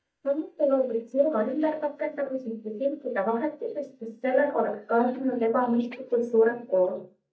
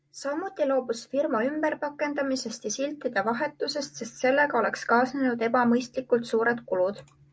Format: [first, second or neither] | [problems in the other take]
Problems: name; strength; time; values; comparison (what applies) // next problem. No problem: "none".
second | noise reduction (neural mask model DeepFilterNet 3)